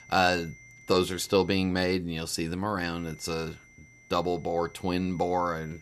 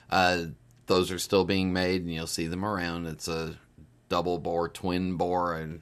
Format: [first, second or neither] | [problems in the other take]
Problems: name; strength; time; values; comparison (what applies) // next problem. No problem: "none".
second | high-pitched whine; faint; until 1.5 s and from 3 s on; 2 kHz, 25 dB below the speech